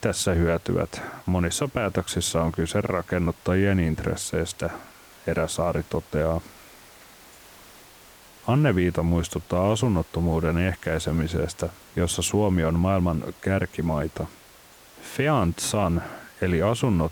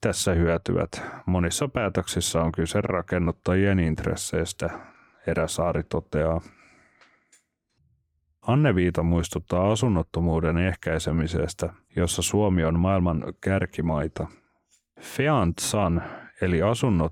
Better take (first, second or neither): second